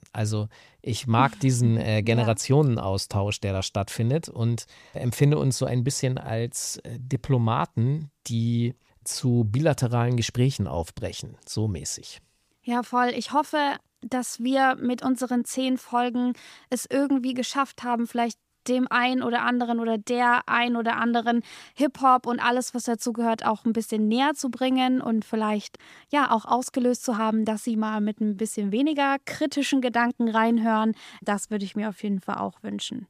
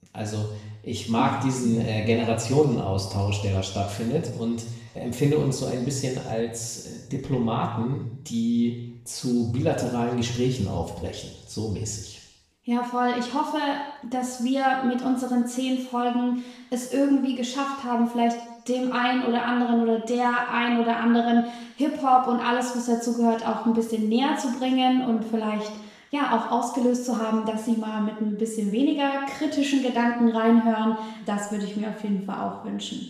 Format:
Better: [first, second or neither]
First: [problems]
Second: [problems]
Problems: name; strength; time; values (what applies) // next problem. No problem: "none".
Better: first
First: none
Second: room echo; noticeable; dies away in 0.8 s // off-mic speech; far